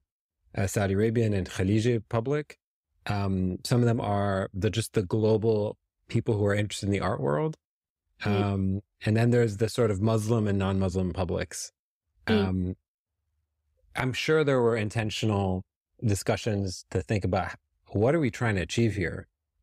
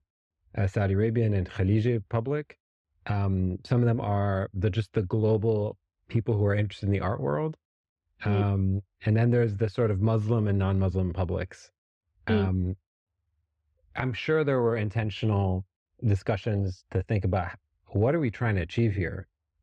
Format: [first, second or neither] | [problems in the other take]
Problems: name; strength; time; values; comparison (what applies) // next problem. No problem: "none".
first | muffled; slightly; fading above 3 kHz